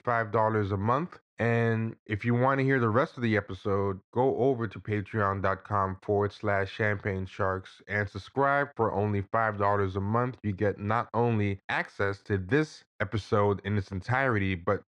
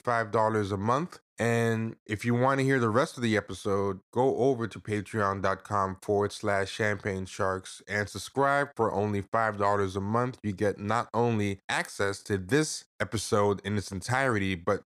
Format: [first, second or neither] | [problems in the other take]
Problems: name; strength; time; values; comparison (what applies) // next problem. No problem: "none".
second | muffled; slightly; fading above 2.5 kHz